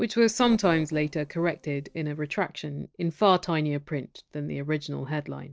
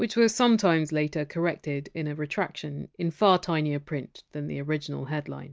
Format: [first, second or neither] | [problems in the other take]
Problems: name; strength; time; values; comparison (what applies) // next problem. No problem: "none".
second | noise reduction (neural separator model SepFormer DNS4)